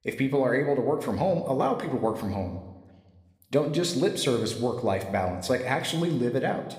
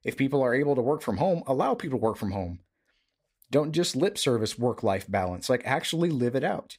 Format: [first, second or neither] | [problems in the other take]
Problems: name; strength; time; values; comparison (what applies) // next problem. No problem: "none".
second | room echo; slight; dies away in 0.9 s